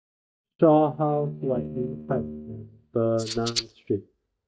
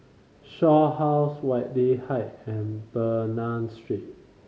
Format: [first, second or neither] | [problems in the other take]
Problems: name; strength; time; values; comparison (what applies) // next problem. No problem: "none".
second | noise reduction (neural mask model DeepFilterNet 3)